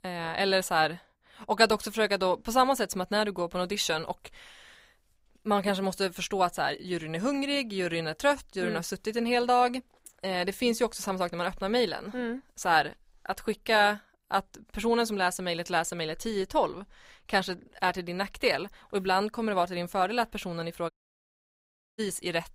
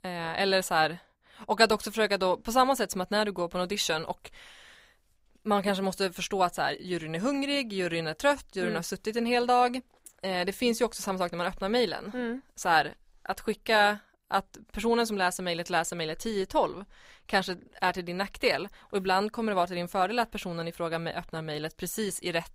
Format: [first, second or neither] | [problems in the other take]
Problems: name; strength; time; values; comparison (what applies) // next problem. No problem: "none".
second | audio cutting out; at 21 s for 1 s